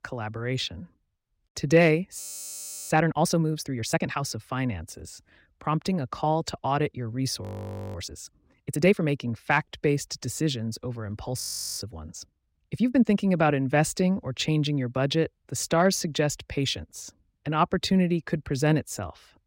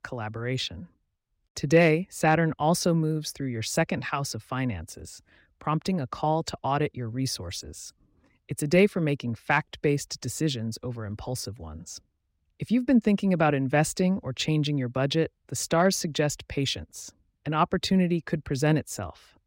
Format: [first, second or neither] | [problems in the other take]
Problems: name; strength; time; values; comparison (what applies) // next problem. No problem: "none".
second | audio freezing; at 2 s for 0.5 s, at 7.5 s for 0.5 s and at 11 s